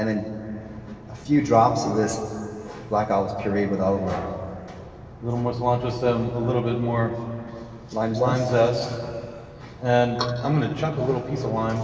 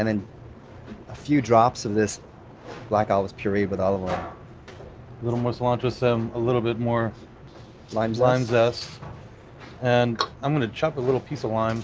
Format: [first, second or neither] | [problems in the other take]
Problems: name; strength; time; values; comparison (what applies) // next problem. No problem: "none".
second | room echo; dies away in 2.4 s